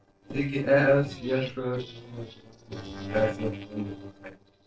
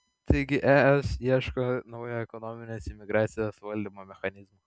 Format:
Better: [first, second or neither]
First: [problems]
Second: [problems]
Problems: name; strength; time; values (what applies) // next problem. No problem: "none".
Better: second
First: noise reduction (neural separator model SepFormer DNS4)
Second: none